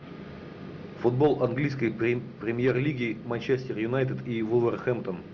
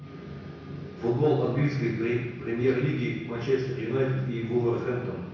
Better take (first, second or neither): first